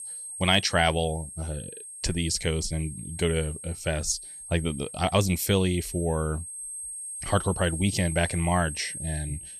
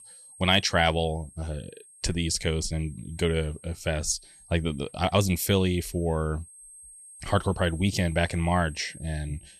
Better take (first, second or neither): second